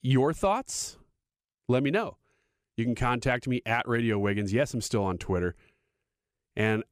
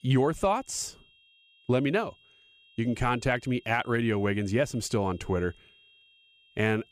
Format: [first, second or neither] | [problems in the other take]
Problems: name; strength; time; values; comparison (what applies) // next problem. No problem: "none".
first | high-pitched whine; faint; throughout; 3 kHz, 30 dB below the speech